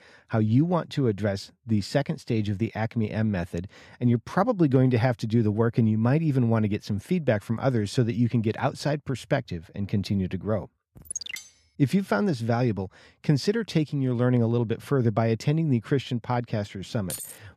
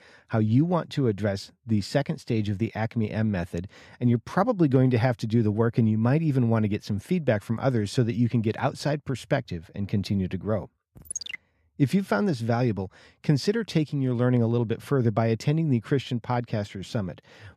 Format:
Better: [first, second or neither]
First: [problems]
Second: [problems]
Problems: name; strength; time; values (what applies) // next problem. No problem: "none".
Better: second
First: clattering dishes; faint; at 11 s; peak 15 dB below the speech // jangling keys; noticeable; at 17 s; peak 9 dB below the speech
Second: none